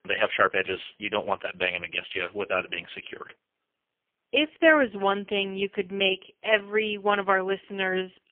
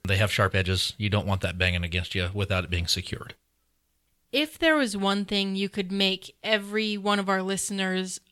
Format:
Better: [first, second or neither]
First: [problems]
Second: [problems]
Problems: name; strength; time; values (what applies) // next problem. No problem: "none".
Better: second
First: phone-call audio; poor line; nothing above 3.5 kHz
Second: none